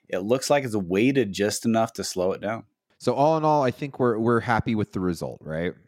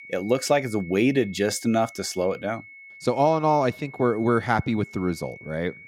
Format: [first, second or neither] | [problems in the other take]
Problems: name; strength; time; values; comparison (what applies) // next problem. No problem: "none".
first | high-pitched whine; noticeable; throughout; 2 kHz, 20 dB below the speech